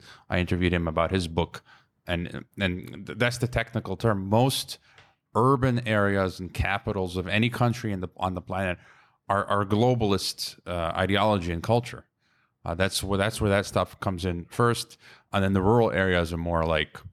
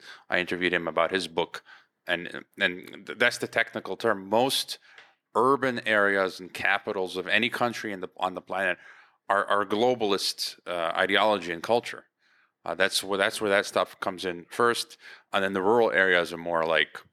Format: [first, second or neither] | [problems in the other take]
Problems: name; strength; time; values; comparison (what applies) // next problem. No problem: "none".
first | thin; somewhat; fading below 350 Hz